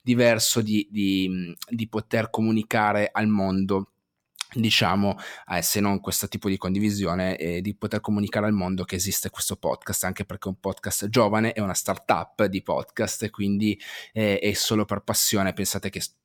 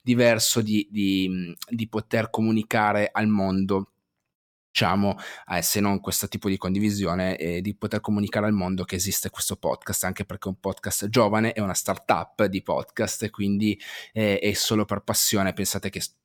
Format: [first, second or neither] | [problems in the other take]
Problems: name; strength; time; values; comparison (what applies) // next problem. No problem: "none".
first | audio cutting out; at 4.5 s